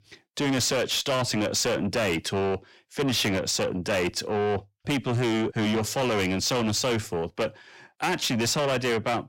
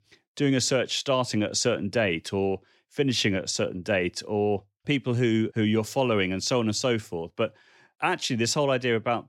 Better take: second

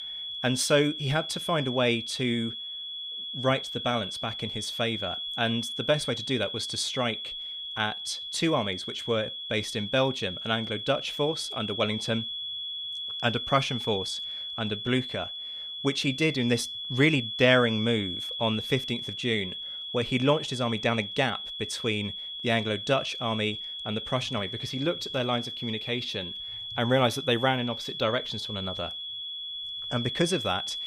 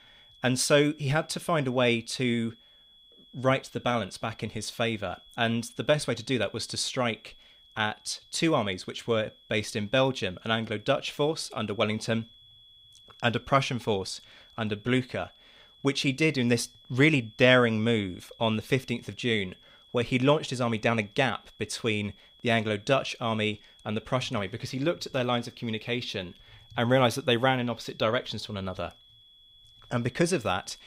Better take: second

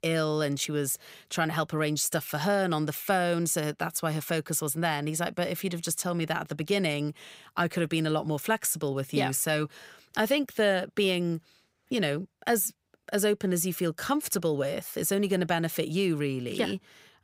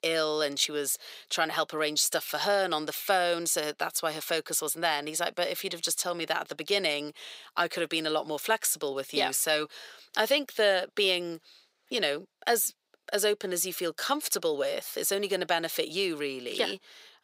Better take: first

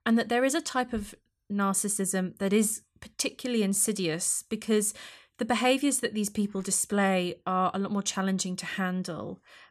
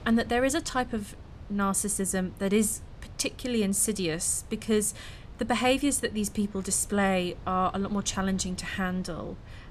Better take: first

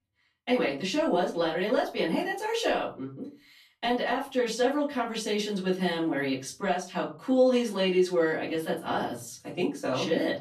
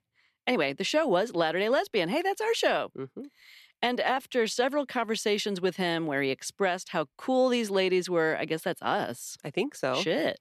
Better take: second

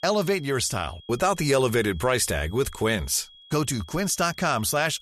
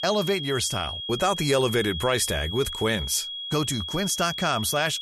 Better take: first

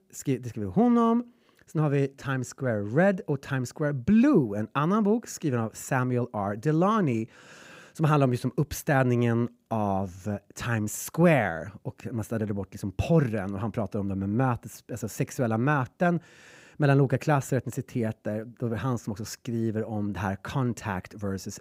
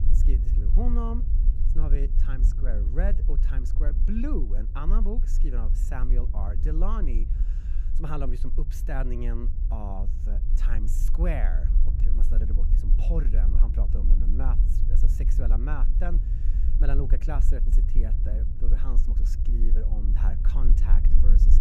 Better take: first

